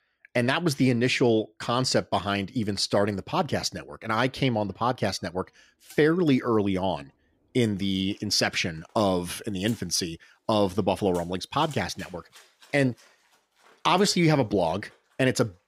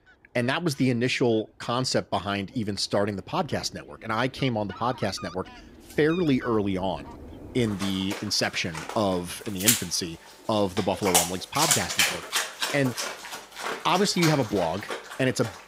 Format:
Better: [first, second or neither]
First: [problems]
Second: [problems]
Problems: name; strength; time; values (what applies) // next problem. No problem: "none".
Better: first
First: animal sounds; faint; throughout; 30 dB below the speech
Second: animal sounds; loud; throughout; 1 dB below the speech